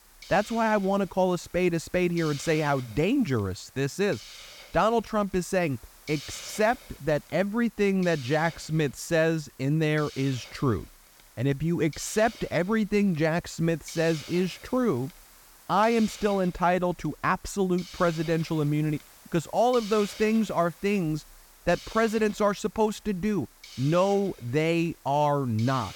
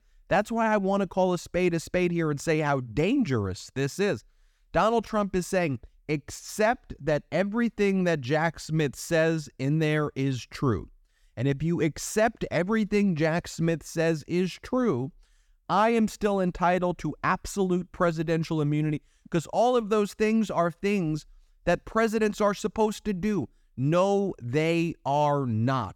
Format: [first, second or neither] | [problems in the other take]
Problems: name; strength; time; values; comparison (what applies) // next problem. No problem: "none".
second | hiss; noticeable; throughout; 20 dB below the speech